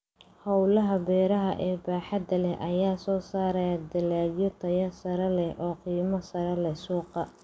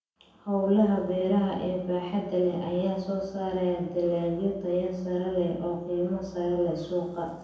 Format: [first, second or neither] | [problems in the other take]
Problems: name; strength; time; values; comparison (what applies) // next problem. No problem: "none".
first | room echo; dies away in 0.9 s